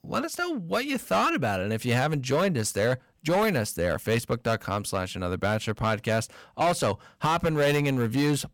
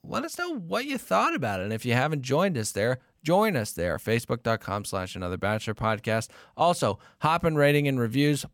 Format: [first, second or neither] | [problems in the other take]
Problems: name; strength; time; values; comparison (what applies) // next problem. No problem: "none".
second | distortion; slight; 8% of the sound clipped